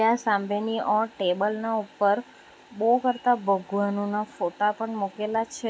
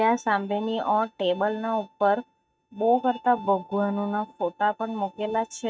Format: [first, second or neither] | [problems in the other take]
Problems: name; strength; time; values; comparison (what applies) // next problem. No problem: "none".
first | noise reduction (neural mask model RNNoise)